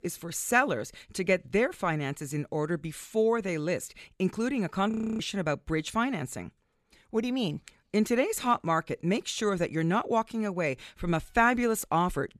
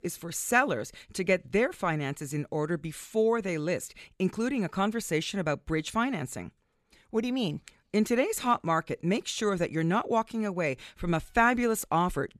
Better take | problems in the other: second | audio freezing; at 5 s

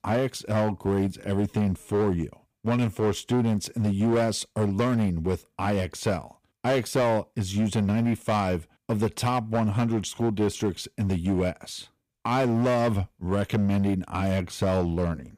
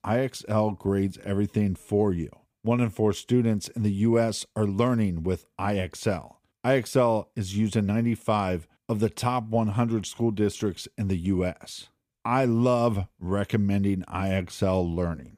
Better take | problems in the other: second | distortion; slight; 11% of the sound clipped

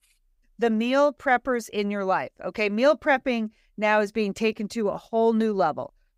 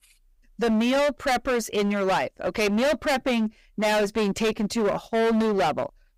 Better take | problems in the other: first | distortion; heavy; 25% of the sound clipped

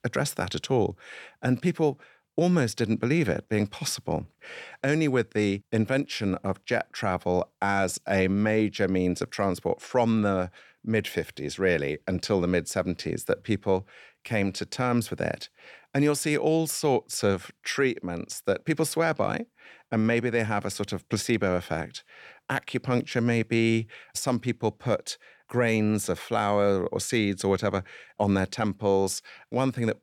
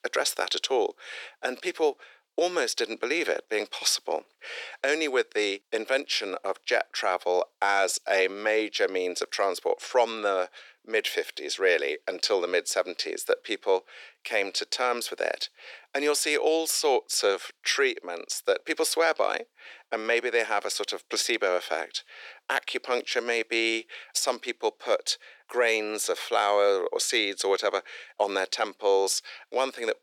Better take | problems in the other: first | thin; very; fading below 400 Hz

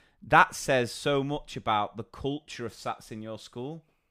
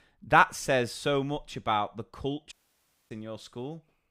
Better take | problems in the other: first | audio cutting out; at 2.5 s for 0.5 s

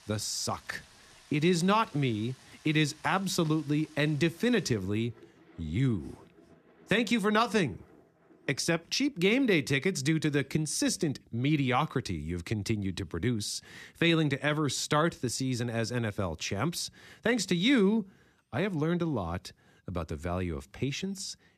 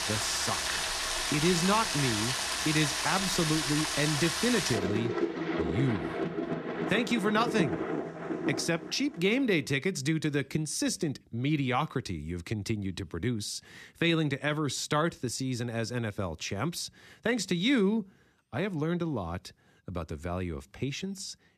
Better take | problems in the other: first | rain or running water; loud; until 9 s; as loud as the speech; faint in the first

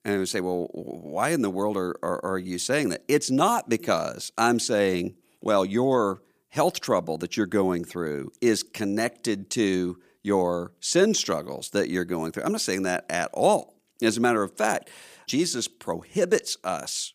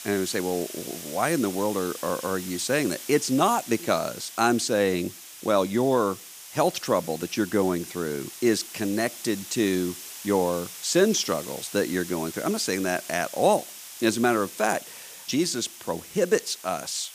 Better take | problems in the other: first | hiss; noticeable; throughout; 10 dB below the speech

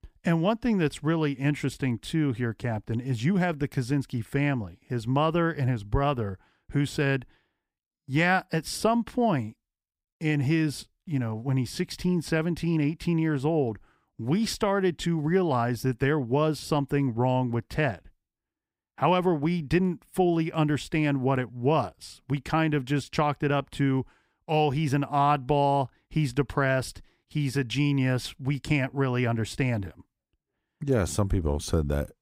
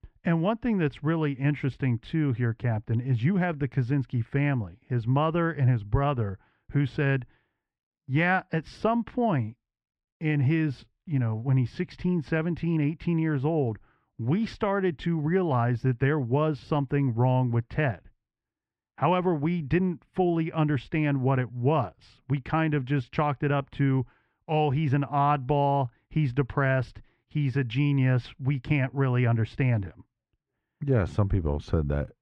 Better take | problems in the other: first | muffled; slightly; fading above 2.5 kHz

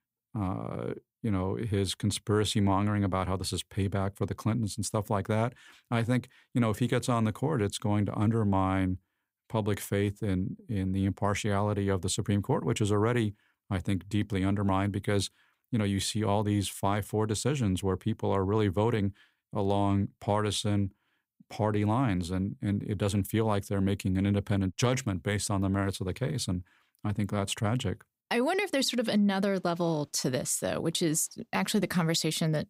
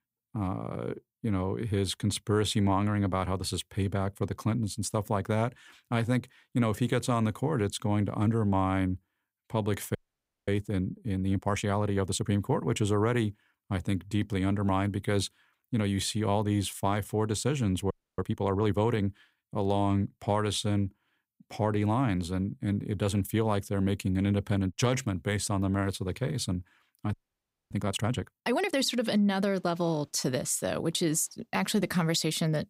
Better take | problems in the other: first | audio freezing; at 10 s for 0.5 s, at 18 s and at 27 s for 0.5 s

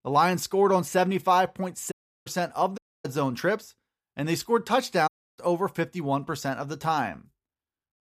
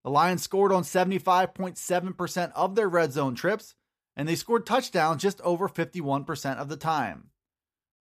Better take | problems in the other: second | audio cutting out; at 2 s, at 3 s and at 5 s

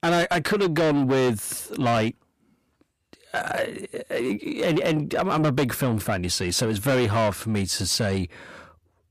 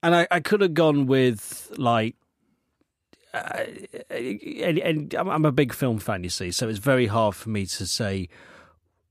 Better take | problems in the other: second | distortion; heavy; 7 dB below the speech

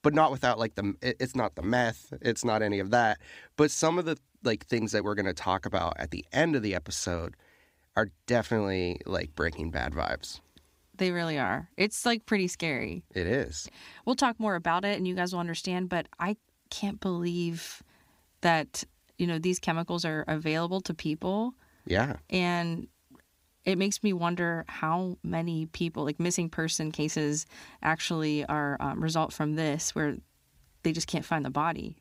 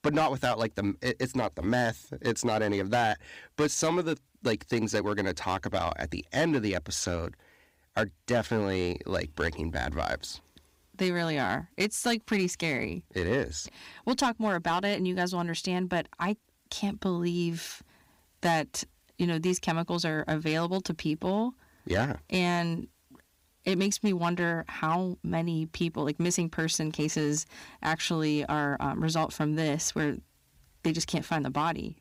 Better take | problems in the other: first | distortion; slight; 4% of the sound clipped

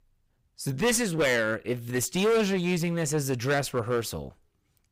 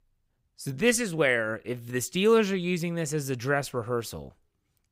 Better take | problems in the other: second | distortion; heavy; 10% of the sound clipped

